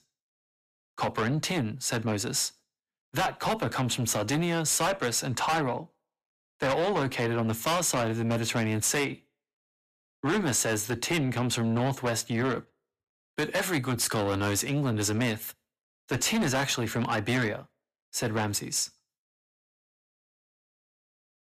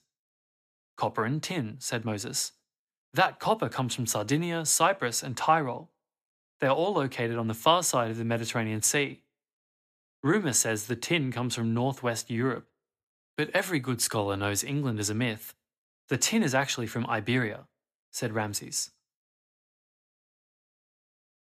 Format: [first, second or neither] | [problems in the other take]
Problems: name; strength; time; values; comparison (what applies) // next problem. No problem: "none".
second | distortion; heavy; 6 dB below the speech